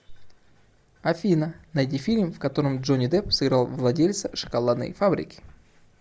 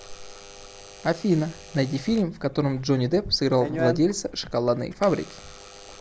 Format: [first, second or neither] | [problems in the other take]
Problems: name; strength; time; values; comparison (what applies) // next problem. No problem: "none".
first | background sound (Alarm / Door); 13 dB below the speech